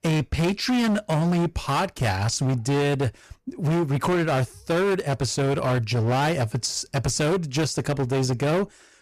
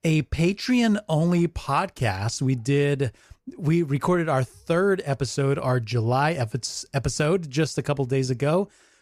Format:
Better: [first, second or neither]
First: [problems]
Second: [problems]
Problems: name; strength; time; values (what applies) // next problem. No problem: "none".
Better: second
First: distortion; heavy; 24% of the sound clipped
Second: none